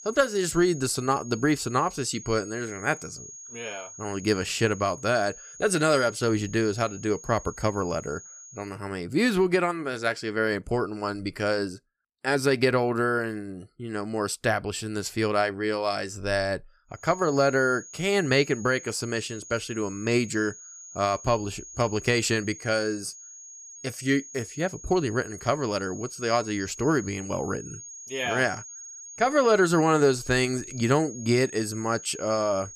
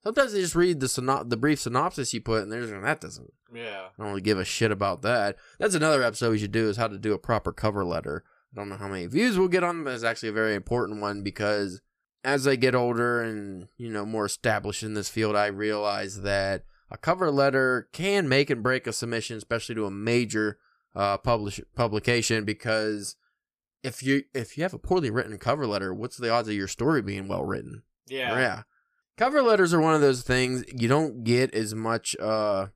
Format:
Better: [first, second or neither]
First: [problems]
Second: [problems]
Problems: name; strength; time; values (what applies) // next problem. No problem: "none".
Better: second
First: high-pitched whine; noticeable; until 8.5 s and from 17 s on; 6.5 kHz, 15 dB below the speech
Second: none